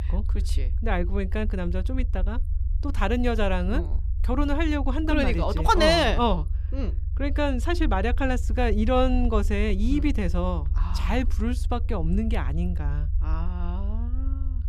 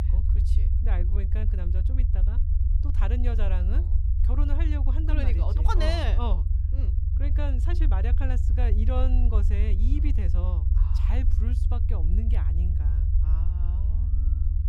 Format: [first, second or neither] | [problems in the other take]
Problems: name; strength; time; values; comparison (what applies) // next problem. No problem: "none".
first | low rumble; loud; throughout; 6 dB below the speech; faint in the first